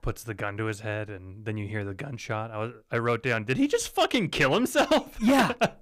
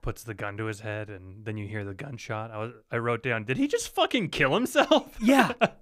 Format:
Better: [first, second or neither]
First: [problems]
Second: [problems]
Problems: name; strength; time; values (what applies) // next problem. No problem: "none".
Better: second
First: distortion; slight; 3% of the sound clipped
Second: none